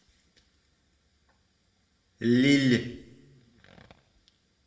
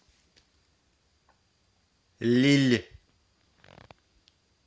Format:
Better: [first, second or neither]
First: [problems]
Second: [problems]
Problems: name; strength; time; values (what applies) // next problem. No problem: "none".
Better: second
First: room echo; dies away in 0.7 s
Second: none